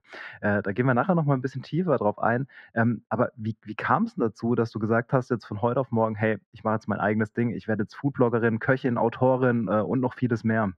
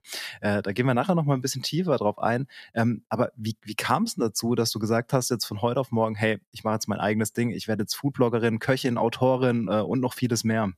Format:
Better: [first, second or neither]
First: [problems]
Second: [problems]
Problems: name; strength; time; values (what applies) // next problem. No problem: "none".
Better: second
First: muffled; very; fading above 1.5 kHz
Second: none